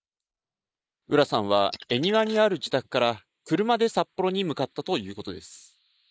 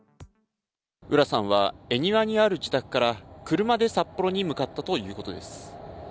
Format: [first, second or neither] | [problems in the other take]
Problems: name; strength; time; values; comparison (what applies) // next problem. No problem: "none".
second | noise reduction (neural mask model Resemble Enhance denoiser)